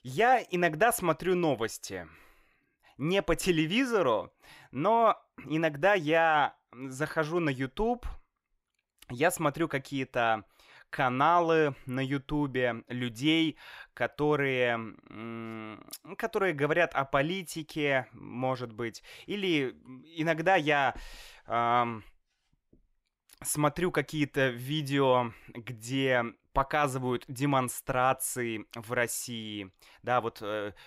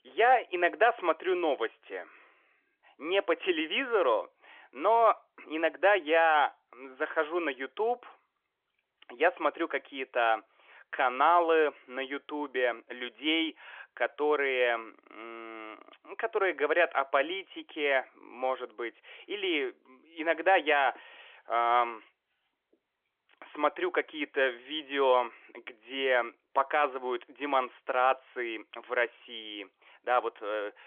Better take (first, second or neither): first